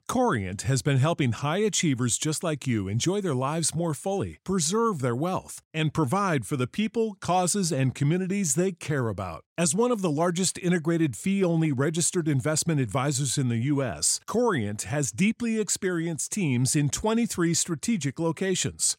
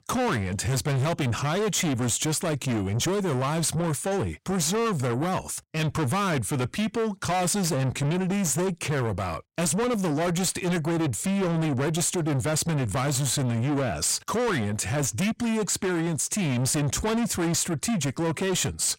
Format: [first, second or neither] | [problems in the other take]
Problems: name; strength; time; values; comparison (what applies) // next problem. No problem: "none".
first | distortion; heavy; 7 dB below the speech